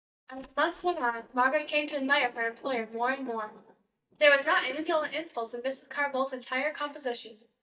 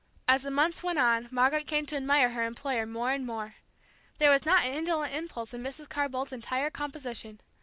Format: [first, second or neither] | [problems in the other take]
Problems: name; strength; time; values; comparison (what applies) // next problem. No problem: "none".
second | noise reduction (neural mask model DeepFilterNet 3)